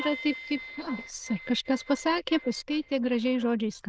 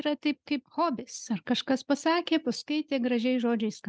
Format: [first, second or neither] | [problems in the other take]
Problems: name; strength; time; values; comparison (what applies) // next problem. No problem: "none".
second | noise reduction (neural diffusion model UNIVERSE++)